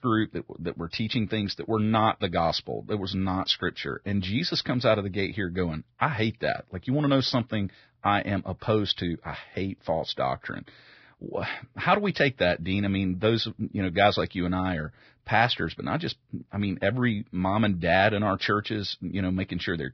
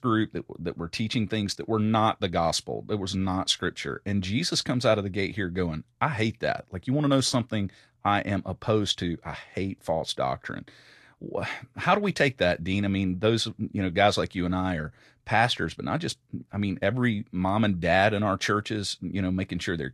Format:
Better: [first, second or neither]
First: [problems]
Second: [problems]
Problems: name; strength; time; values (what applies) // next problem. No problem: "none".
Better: second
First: garbled, watery; badly; nothing above 5.5 kHz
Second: garbled, watery; slightly